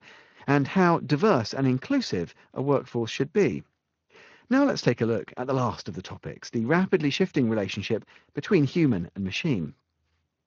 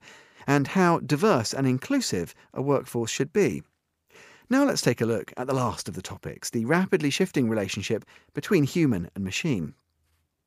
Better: second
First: garbled, watery; slightly; nothing above 6.5 kHz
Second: none

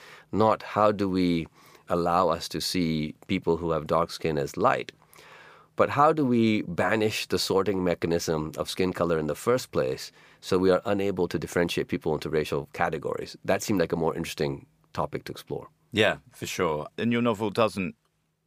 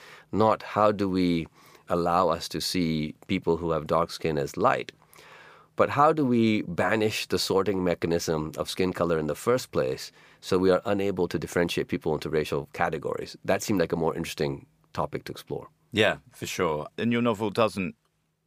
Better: neither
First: none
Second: none

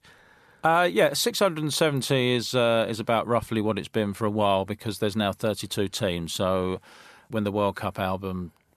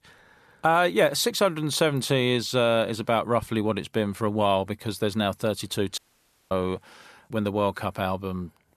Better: first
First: none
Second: audio cutting out; at 6 s for 0.5 s

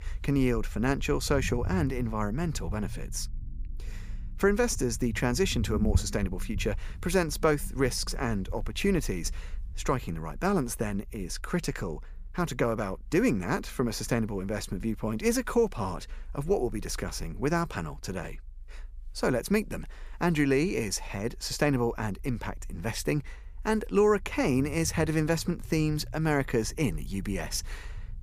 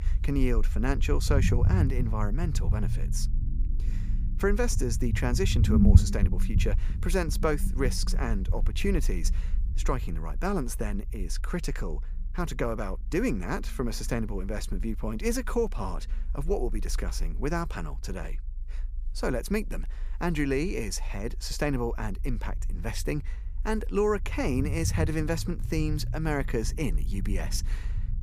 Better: first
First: low rumble; faint; throughout; 20 dB below the speech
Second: low rumble; loud; throughout; 10 dB below the speech

